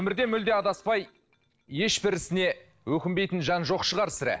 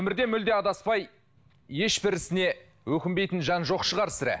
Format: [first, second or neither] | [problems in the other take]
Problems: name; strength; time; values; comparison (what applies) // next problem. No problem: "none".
second | noise reduction (neural separator model SepFormer DNS4)